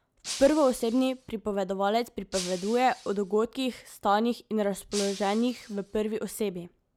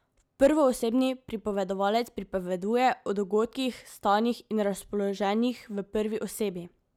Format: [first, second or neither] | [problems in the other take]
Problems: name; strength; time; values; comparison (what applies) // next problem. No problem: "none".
second | background sound (Shatter); 13 dB below the speech